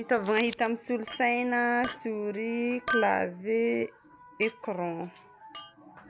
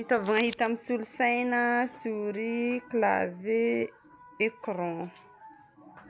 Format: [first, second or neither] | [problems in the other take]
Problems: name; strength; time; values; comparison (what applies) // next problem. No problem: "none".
second | background sound (Chink, clink); 12 dB below the speech